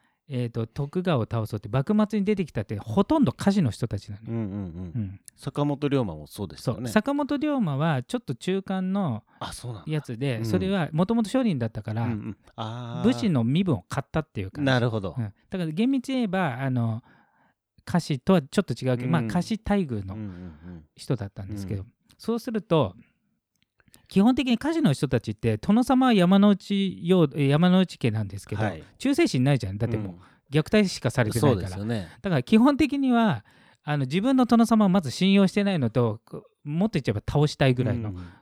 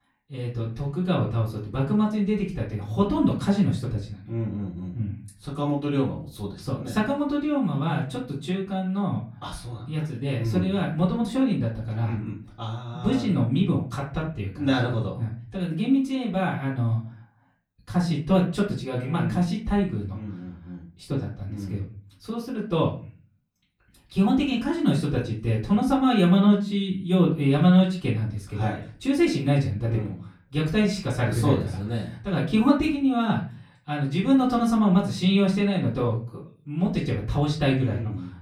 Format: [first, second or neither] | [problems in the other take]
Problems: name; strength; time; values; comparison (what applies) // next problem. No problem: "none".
first | room echo; slight; dies away in 0.4 s // off-mic speech; far